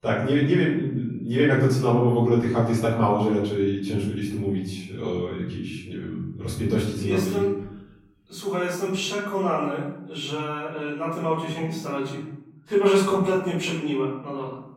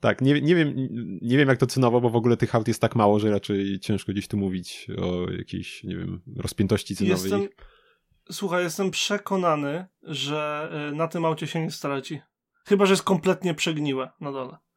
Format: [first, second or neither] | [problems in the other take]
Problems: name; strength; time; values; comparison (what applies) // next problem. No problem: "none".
second | off-mic speech; far // room echo; noticeable; dies away in 0.7 s